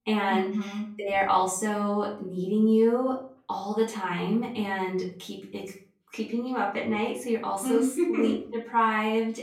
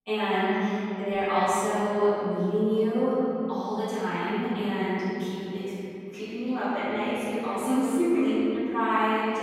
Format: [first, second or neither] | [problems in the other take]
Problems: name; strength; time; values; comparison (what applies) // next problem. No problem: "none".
first | room echo; strong; dies away in 3 s; slight in the first // off-mic speech; far; far in the first